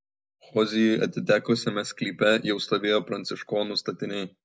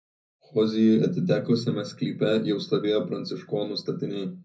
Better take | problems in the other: first | room echo; dies away in 0.4 s

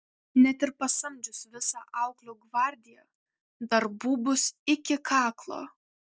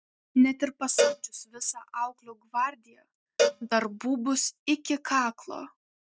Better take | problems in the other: first | noise reduction (neural mask model RNNoise)

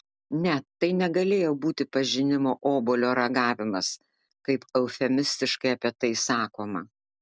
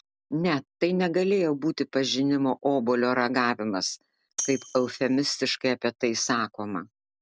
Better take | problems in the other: first | background sound (Tambourine); 11 dB below the speech

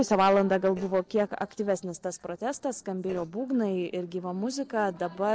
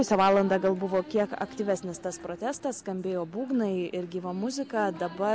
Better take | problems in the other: second | noise reduction (neural separator model SepFormer DNS4)

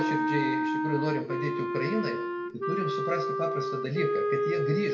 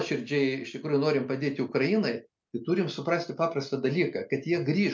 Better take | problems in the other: second | background sound (Wind instrument, woodwind instrument); 3 dB above the speech // room echo; dies away in 1 s

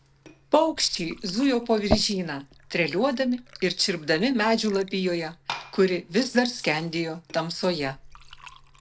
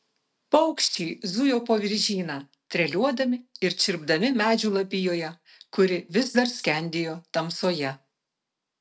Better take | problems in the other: second | background sound (Fill (with liquid) / Glass); 13 dB below the speech

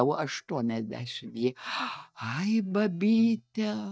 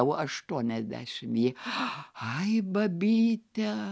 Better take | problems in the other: second | noise reduction (neural mask model DeepFilterNet 3)

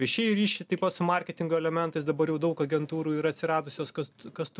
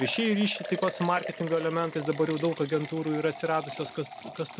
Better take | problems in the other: first | background sound (Liquid); 12 dB below the speech

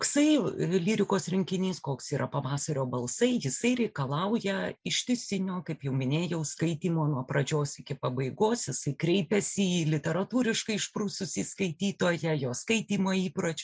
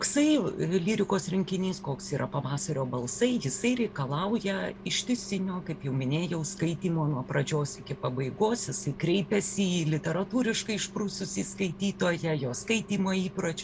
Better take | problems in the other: first | background sound (Engine); 16 dB below the speech

